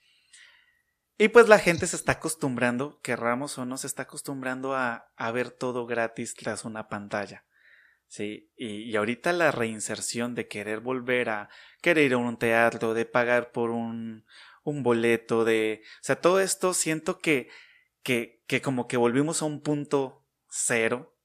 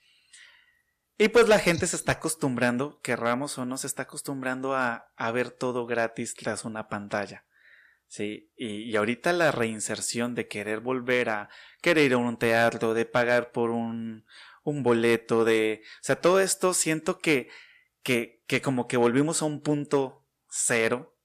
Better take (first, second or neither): first